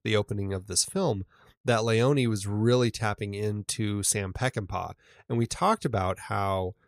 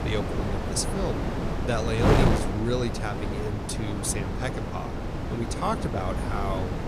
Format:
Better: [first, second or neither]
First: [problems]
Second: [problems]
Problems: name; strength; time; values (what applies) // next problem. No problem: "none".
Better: first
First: none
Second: wind noise on the microphone; heavy; as loud as the speech